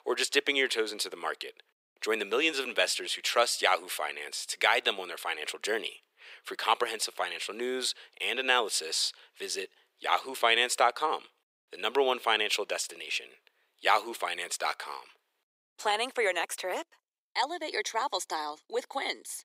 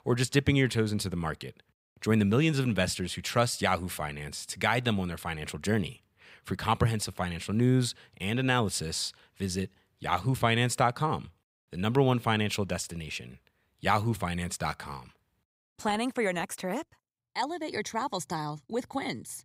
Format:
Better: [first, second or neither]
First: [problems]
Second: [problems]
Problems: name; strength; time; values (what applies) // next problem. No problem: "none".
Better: second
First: thin; very; fading below 350 Hz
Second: none